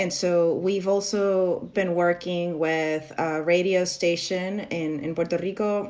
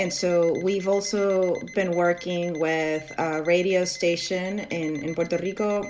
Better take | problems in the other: first | background sound (Alarm); 19 dB below the speech

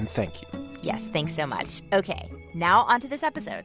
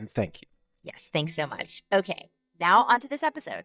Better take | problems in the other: first | noise reduction (neural mask model DeepFilterNet 3)

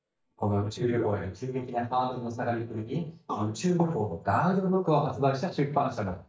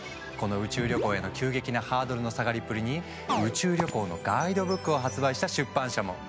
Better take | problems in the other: second | noise reduction (neural mask model DeepFilterNet 3)

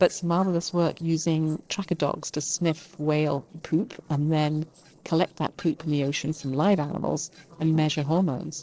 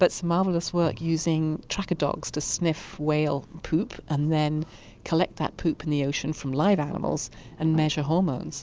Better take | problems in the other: second | noise reduction (neural separator model SepFormer DNS4)

